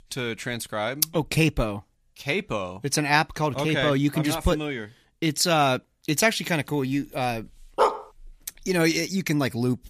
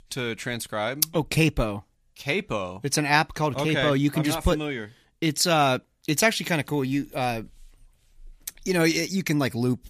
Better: second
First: dog barking; loud; at 8 s; peak 1 dB above the speech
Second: none

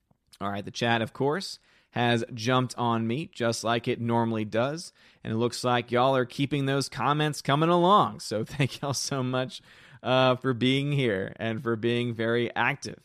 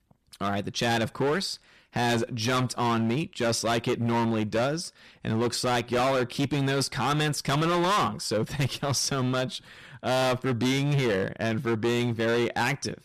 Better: first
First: none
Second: distortion; heavy; 19% of the sound clipped

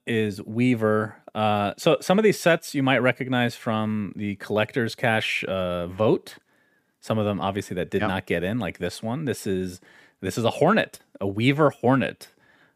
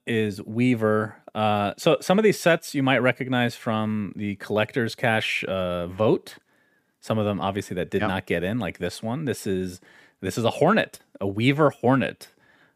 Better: neither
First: none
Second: none

